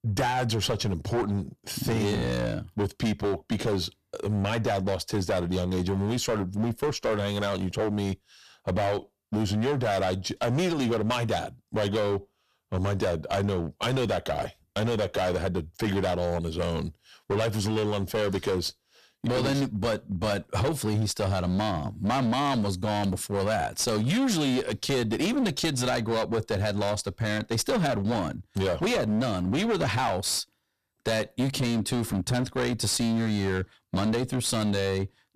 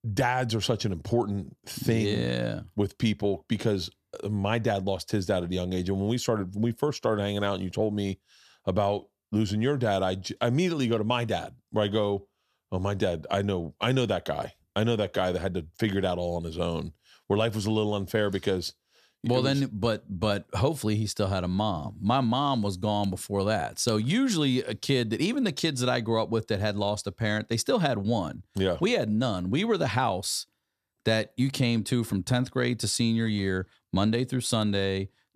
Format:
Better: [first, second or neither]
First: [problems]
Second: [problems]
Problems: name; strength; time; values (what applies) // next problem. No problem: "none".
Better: second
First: distortion; heavy; 17% of the sound clipped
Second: none